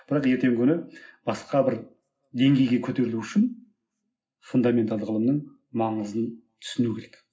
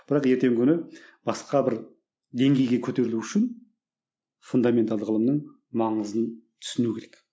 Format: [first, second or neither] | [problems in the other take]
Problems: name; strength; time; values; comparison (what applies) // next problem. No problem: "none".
second | room echo; dies away in 0.4 s